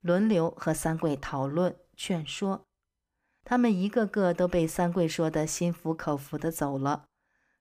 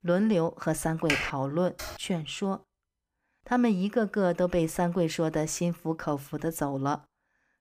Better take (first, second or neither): first